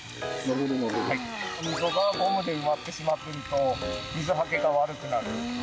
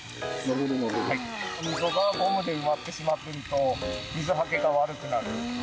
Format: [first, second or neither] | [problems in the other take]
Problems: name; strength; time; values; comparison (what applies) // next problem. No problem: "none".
second | background sound (Wind instrument, woodwind instrument); 20 dB below the speech